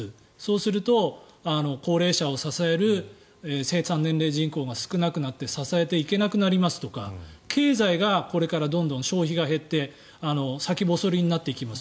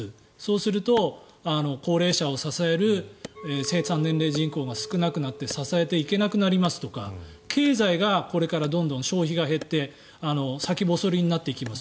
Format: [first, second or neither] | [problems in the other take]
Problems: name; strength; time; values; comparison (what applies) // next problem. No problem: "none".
first | background sound (Chink, clink + Wood); 19 dB below the speech